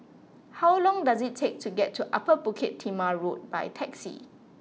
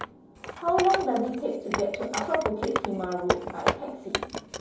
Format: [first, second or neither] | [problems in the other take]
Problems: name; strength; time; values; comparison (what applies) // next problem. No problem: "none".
first | background sound (Wood); 3 dB below the speech // room echo; dies away in 2.8 s